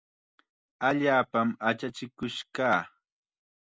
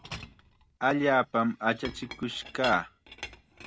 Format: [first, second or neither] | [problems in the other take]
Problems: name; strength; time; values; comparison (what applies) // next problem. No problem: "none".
first | background sound (Chink, clink); 15 dB below the speech